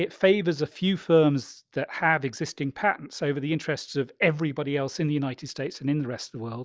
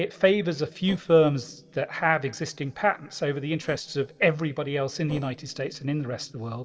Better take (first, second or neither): first